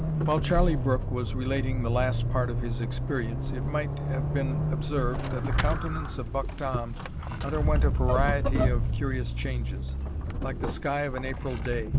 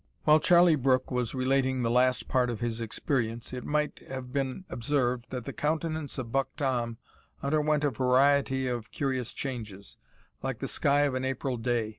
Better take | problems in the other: second | background sound (Squeak / Accelerating, revving, vroom / Vehicle); 4 dB above the speech

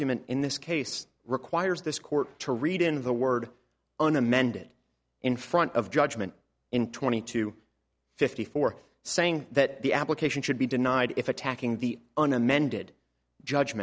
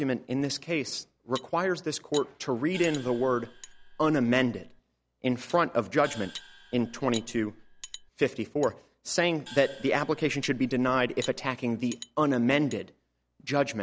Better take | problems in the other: first | background sound (Gong + Cutlery, silverware); 19 dB below the speech

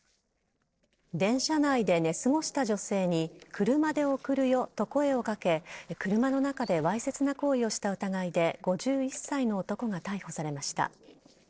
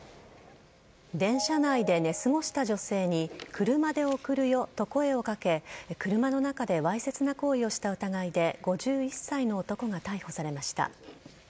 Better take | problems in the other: second | noise reduction (neural separator model SepFormer DNS4)

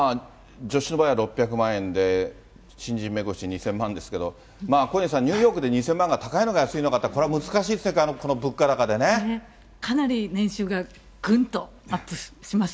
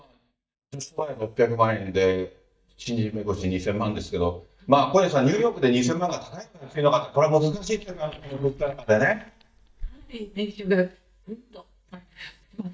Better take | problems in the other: first | noise reduction (neural mask model DeepFilterNet 3)

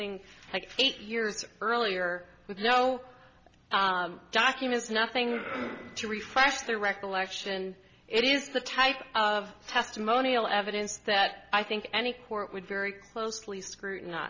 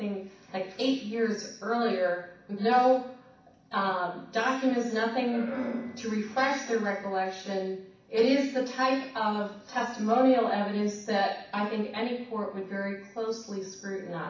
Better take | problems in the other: first | room echo; dies away in 0.6 s

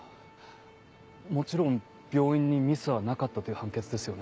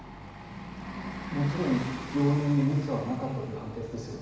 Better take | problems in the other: first | background sound (Bus); 10 dB below the speech // room echo; dies away in 1.1 s

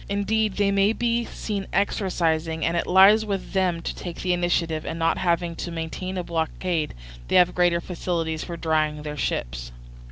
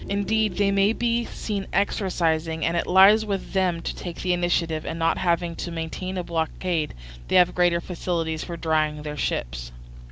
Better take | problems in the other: first | background sound (Vehicle); 19 dB below the speech

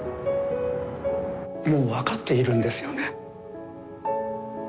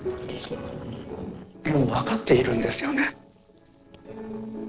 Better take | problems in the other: first | noise reduction (neural separator model SepFormer DNS4)

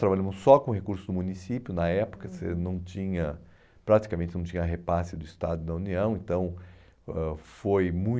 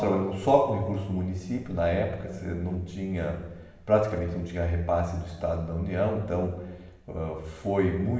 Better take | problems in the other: first | room echo; dies away in 1 s

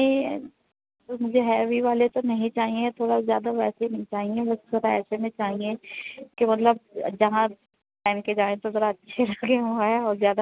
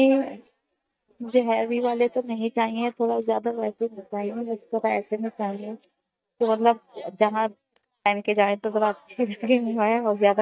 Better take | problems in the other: first | noise reduction (neural mask model DeepFilterNet 3)

